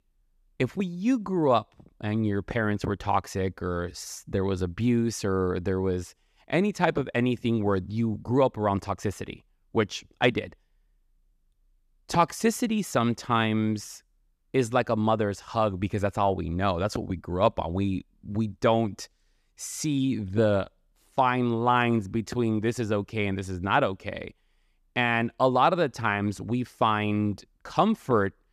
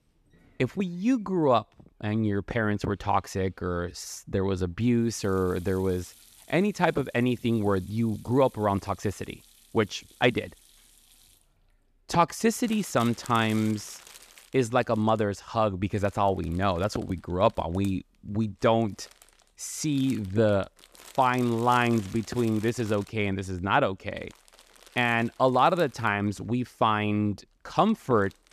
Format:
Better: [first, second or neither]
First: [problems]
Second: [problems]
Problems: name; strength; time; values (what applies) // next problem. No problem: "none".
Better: first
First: none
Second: household noises; faint; throughout; 25 dB below the speech